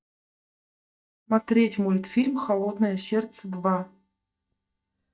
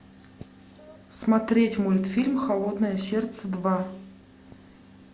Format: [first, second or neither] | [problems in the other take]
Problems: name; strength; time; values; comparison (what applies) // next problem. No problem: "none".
second | noise reduction (neural mask model DeepFilterNet 3)